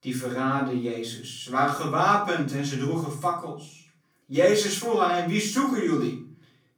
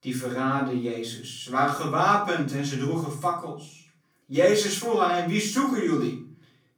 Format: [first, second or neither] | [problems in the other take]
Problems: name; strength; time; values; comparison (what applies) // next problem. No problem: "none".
neither | off-mic speech; far; the same in both // room echo; noticeable; dies away in 0.5 s; the same in both